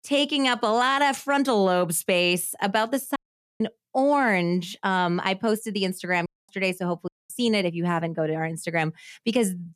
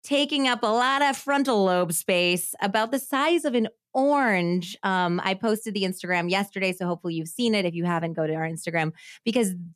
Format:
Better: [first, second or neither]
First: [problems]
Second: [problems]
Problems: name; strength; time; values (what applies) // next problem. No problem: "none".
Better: second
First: audio cutting out; at 3 s, at 6.5 s and at 7 s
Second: none